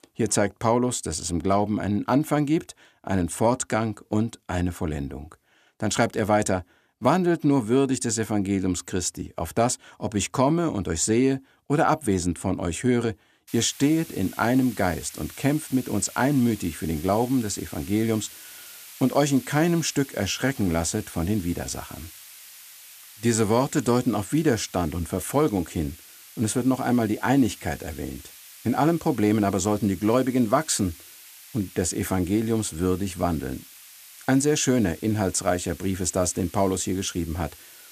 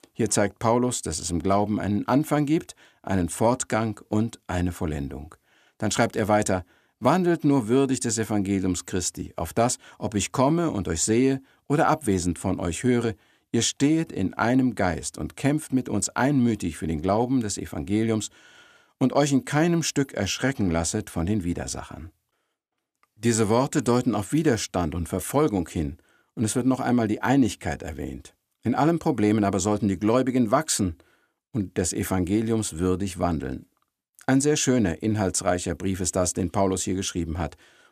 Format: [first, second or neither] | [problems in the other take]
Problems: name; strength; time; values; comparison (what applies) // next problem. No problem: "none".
second | hiss; noticeable; from 13 s on; 20 dB below the speech